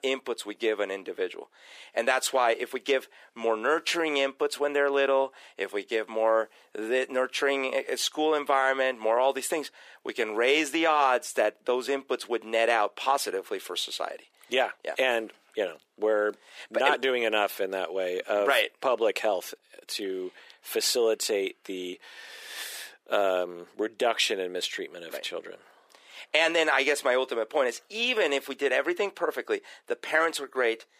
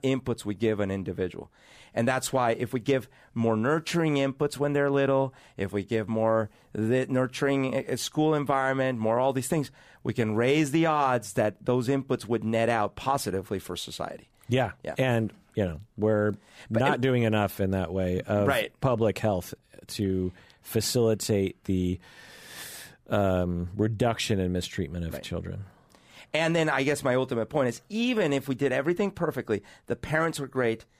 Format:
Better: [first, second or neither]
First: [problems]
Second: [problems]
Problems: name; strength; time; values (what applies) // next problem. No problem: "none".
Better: second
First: thin; very; fading below 350 Hz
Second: none